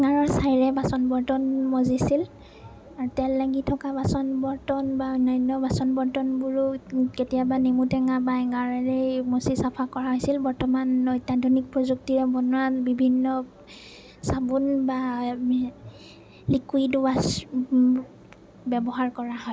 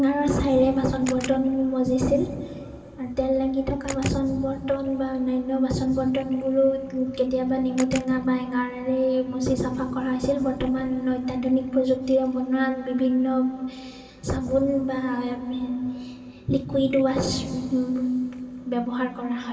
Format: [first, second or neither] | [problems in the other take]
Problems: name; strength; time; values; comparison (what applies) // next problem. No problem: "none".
first | background sound (Camera); 17 dB below the speech // room echo; dies away in 2.7 s